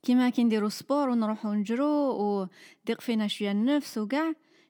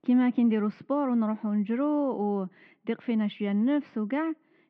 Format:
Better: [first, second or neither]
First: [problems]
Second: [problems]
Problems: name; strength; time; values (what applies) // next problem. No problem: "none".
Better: first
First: none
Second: muffled; very; fading above 2.5 kHz